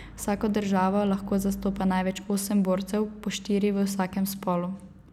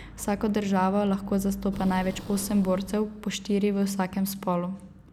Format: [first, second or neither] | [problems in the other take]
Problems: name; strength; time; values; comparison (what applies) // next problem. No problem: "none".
first | background sound (Boom); 17 dB below the speech